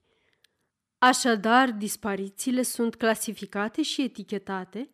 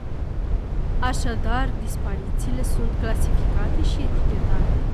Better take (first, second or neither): first